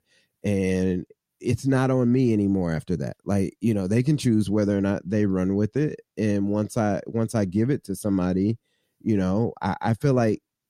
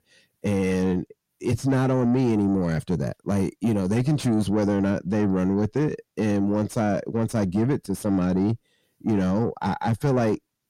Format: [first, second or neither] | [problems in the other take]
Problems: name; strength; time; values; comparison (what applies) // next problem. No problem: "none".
first | distortion; slight; 10 dB below the speech